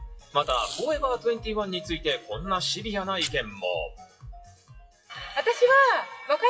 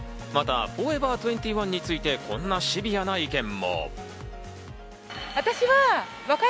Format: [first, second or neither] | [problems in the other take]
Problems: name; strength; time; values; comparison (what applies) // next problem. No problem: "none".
second | noise reduction (classical method WPE with log-MMSE)